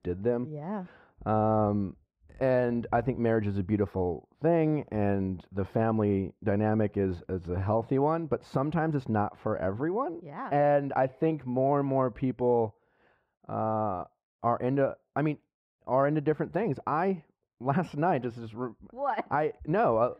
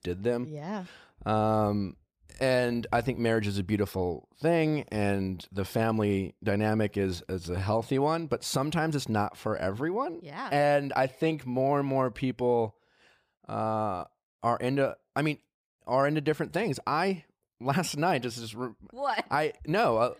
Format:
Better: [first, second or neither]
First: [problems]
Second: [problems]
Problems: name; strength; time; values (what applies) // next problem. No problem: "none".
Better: second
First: muffled; very; fading above 3 kHz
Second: none